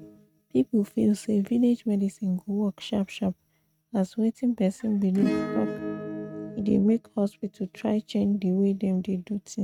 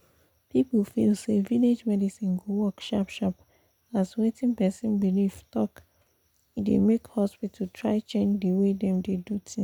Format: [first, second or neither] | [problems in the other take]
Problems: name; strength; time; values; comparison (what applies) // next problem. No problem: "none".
second | noise reduction (neural mask model RNNoise)